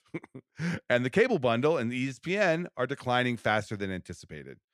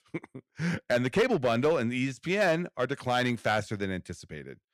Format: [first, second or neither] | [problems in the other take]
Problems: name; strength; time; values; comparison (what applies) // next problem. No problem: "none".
first | distortion; slight; 3% of the sound clipped